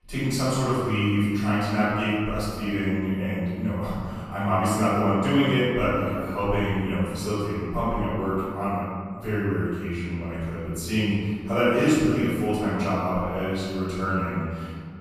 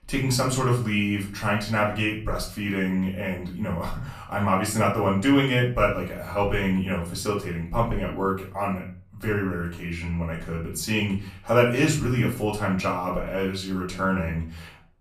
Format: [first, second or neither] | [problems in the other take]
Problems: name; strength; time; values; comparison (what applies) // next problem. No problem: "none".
second | room echo; strong; dies away in 1.8 s; slight in the second // off-mic speech; far; far in the second